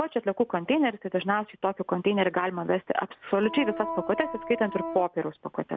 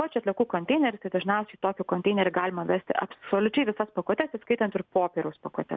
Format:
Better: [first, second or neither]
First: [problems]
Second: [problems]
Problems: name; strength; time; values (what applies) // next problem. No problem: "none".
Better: second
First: background sound (Organ); 7 dB below the speech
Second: none